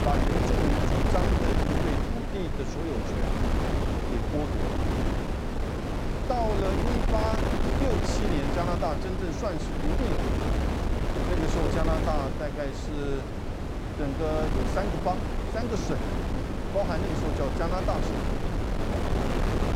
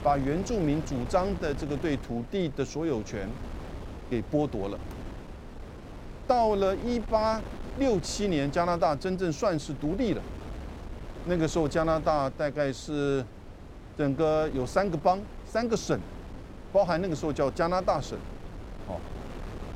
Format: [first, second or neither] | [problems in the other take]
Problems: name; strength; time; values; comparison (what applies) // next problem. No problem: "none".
second | wind noise on the microphone; heavy; as loud as the speech; occasional gusts in the second